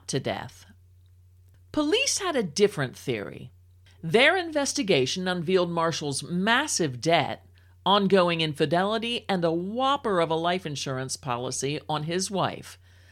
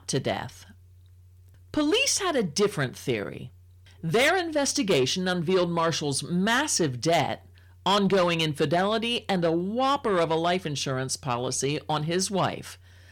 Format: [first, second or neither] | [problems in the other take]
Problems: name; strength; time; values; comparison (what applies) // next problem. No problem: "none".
first | distortion; slight; 10 dB below the speech